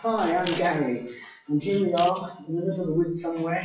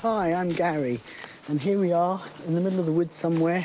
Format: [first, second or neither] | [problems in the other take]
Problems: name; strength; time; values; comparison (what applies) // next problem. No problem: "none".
second | noise reduction (classical method WPE with log-MMSE)